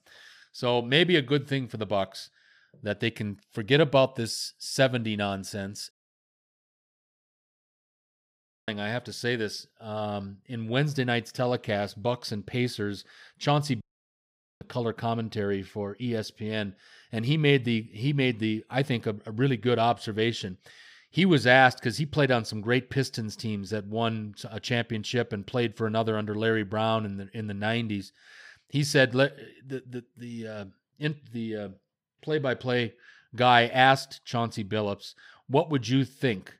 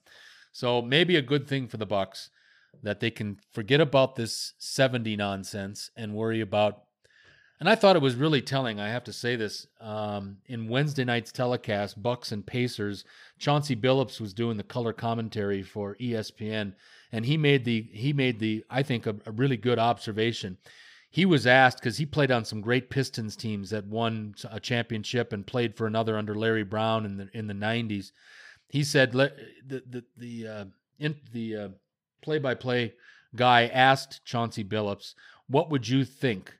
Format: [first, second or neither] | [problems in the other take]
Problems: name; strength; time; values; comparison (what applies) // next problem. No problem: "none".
second | audio cutting out; at 6 s for 3 s and at 14 s for 1 s